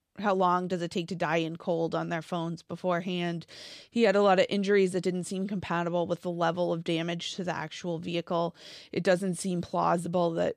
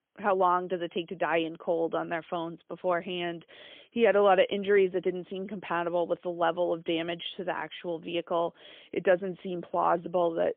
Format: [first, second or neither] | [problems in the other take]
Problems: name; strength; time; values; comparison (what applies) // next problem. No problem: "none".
first | phone-call audio; poor line; nothing above 3.5 kHz